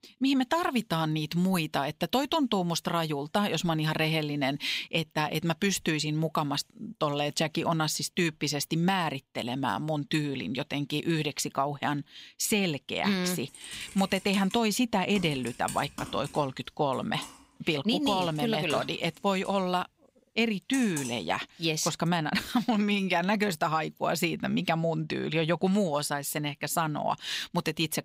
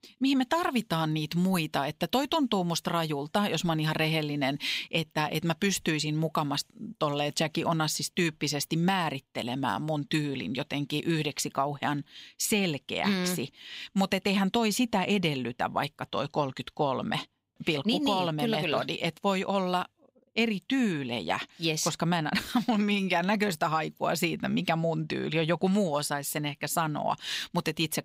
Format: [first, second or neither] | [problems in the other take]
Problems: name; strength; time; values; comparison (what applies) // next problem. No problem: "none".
second | keyboard typing; noticeable; from 14 to 22 s; peak 8 dB below the speech